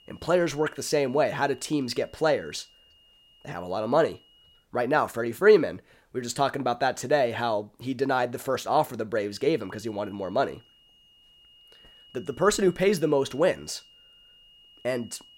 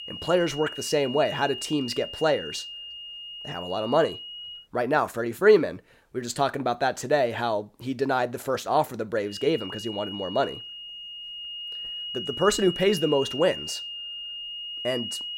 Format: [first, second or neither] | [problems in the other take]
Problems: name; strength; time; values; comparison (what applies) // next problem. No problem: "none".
first | high-pitched whine; loud; until 4.5 s and from 9.5 s on; 3 kHz, 9 dB below the speech; faint in the first